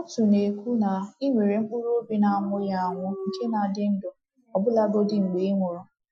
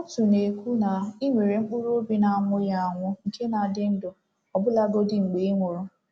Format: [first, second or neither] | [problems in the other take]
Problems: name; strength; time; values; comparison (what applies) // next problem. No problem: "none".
second | noise reduction (classical method Wiener filter)